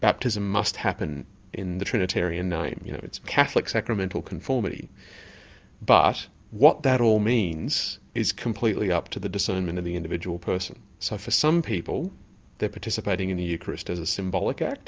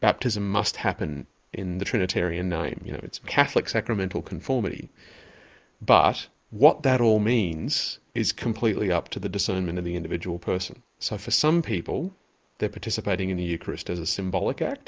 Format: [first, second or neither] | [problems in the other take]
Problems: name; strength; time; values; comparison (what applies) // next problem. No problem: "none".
first | noise reduction (neural mask model Resemble Enhance denoiser)